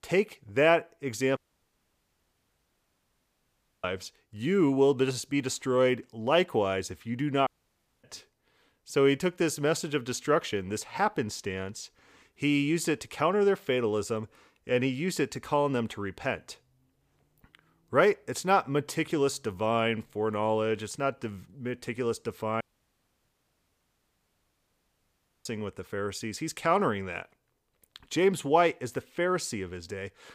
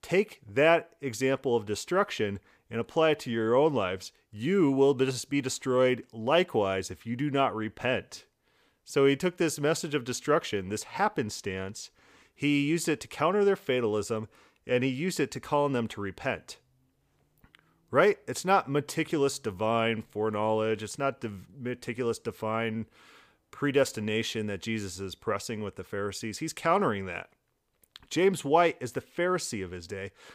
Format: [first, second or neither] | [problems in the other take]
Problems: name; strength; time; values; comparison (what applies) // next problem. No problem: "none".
second | audio cutting out; at 1.5 s for 2.5 s, at 7.5 s for 0.5 s and at 23 s for 3 s